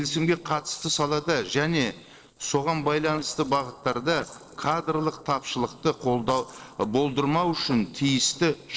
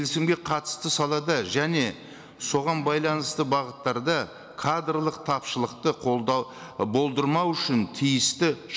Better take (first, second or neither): second